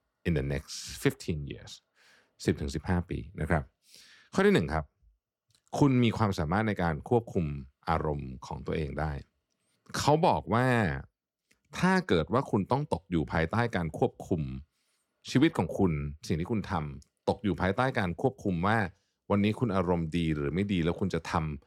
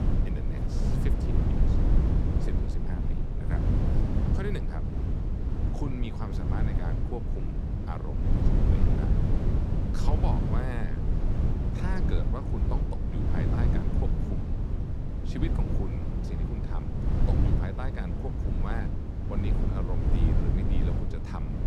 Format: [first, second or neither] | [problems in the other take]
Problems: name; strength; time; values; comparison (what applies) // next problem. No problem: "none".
first | wind noise on the microphone; heavy; 2 dB above the speech